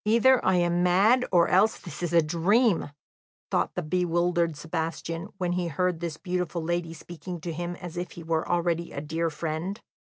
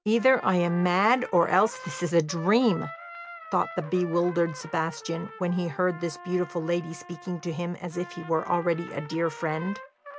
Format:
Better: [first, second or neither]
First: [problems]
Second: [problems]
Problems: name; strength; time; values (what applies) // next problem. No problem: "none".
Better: first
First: none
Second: background sound (Trumpet); 16 dB below the speech